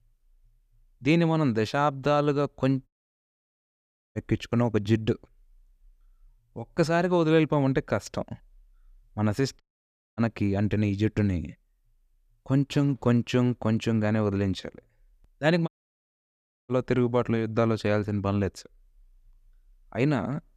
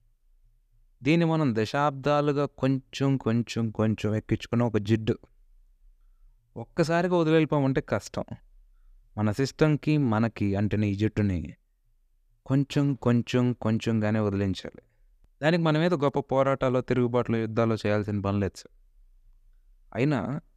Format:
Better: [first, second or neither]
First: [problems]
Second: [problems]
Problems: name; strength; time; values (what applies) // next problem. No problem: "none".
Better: second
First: audio cutting out; at 3 s for 1.5 s, at 9.5 s for 0.5 s and at 16 s for 1 s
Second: none